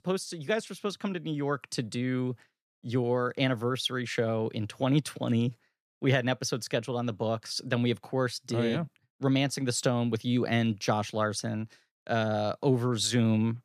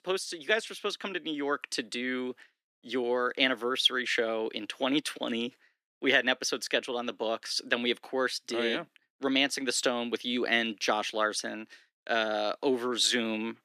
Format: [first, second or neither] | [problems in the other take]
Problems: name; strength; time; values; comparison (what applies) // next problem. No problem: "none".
first | thin; somewhat; fading below 300 Hz